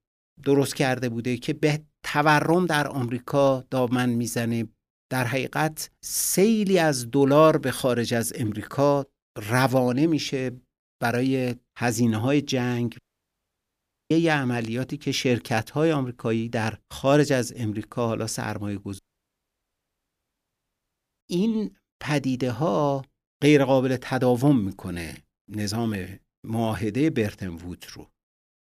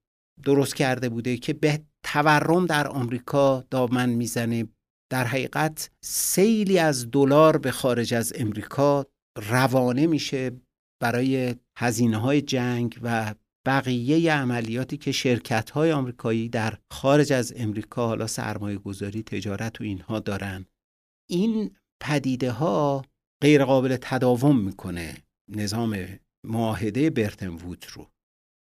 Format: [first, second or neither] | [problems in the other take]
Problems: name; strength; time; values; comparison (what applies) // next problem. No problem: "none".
second | audio cutting out; at 13 s for 1 s and at 19 s for 2 s